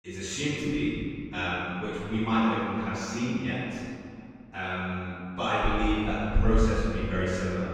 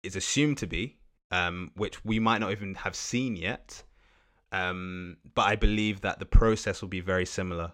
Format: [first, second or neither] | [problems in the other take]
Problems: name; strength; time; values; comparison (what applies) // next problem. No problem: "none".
second | off-mic speech; far // room echo; strong; dies away in 2.3 s